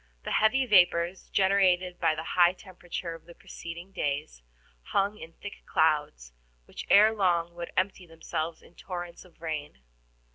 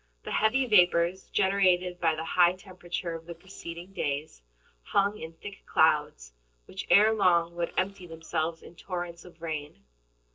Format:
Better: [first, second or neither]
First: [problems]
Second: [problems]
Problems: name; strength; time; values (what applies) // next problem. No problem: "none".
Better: first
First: none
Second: noise reduction (neural separator model SepFormer DNS4)